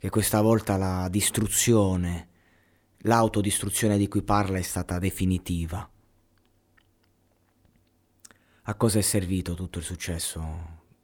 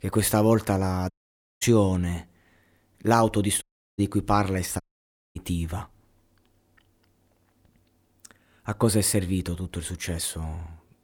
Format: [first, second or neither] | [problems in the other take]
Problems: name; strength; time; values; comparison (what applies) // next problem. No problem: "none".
first | audio cutting out; at 1 s for 0.5 s, at 3.5 s and at 5 s for 0.5 s